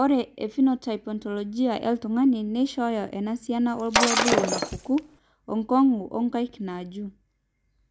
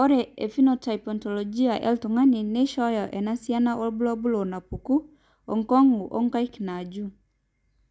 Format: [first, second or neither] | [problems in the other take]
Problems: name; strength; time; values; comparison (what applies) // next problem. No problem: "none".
second | background sound (Shatter); as loud as the speech